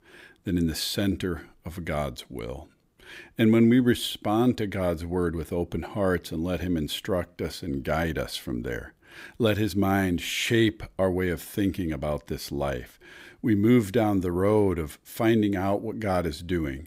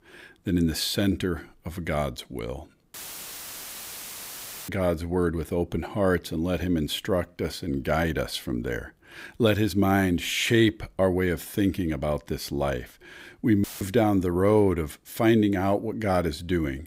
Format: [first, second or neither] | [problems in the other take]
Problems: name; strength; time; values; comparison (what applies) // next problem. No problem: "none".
first | audio cutting out; filled with static; at 3 s for 1.5 s and at 14 s